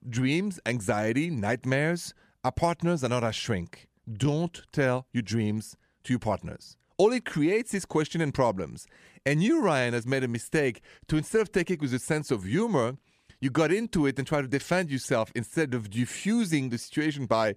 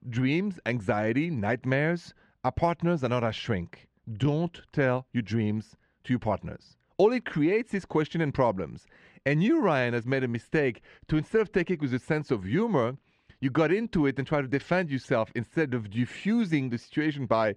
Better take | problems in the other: first | muffled; slightly; fading above 3 kHz

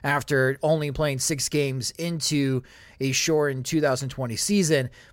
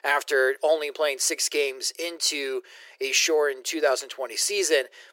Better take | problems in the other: first | thin; very; fading below 350 Hz

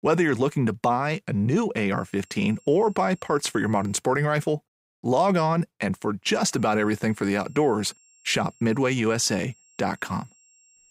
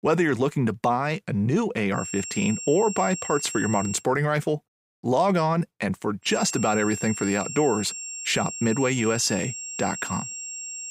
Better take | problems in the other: first | high-pitched whine; loud; from 2 to 4 s and from 6.5 s on; 7.5 kHz, 8 dB below the speech; faint in the first

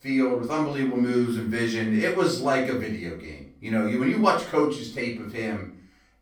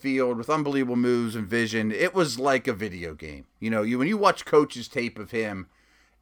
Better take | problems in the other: second | off-mic speech; far // room echo; slight; dies away in 0.4 s

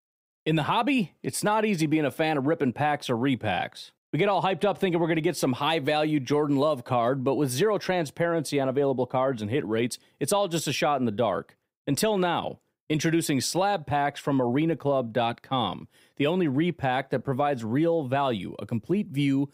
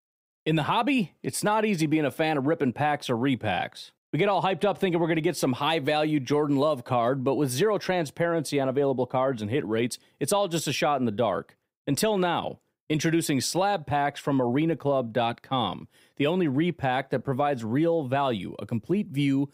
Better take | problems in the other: neither | none

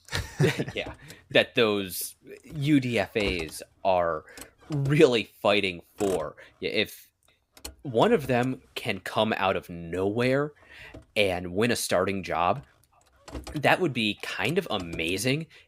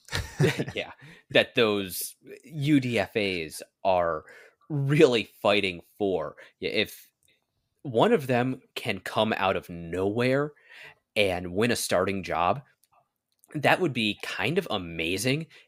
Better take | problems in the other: second | traffic noise; noticeable; throughout; 20 dB below the speech

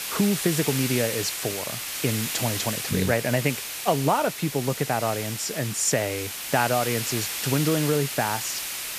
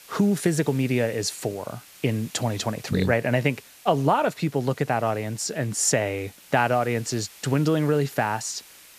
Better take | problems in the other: second | hiss; loud; throughout; 4 dB below the speech; faint in the second

